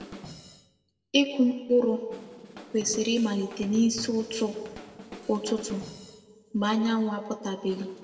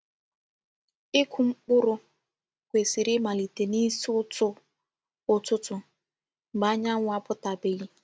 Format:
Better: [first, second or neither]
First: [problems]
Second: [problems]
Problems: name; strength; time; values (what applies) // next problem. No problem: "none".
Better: second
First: background sound (Drum kit); 19 dB below the speech // room echo; dies away in 1.3 s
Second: none